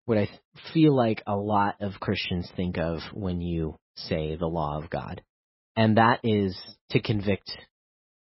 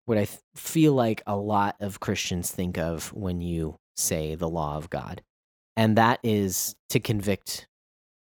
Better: second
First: garbled, watery; badly; nothing above 5.5 kHz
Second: none

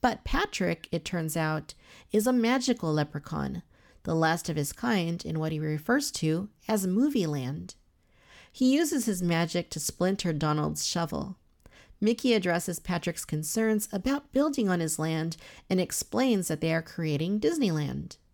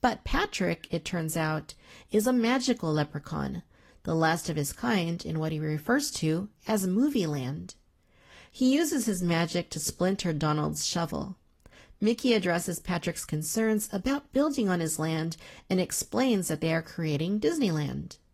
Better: first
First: none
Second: garbled, watery; slightly; nothing above 14 kHz

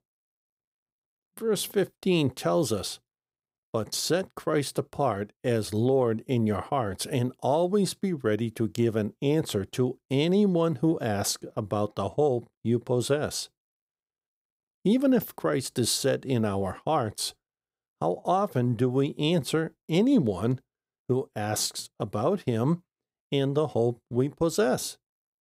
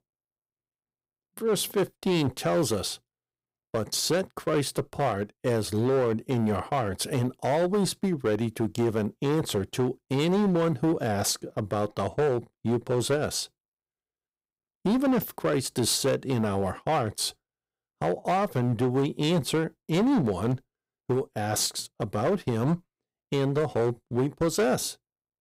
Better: first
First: none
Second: distortion; slight; 9% of the sound clipped

